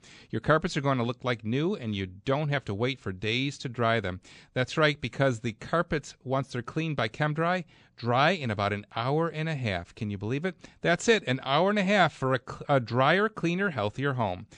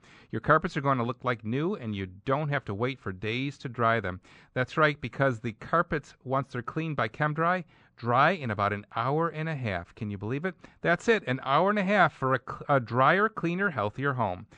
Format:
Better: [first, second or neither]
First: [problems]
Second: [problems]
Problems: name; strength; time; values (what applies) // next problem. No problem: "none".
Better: first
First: none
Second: muffled; slightly; fading above 3 kHz